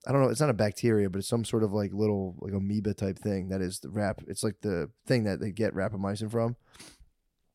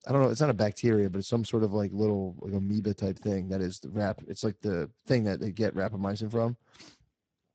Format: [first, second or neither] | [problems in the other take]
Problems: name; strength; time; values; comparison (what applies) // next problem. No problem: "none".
first | garbled, watery; badly; nothing above 8 kHz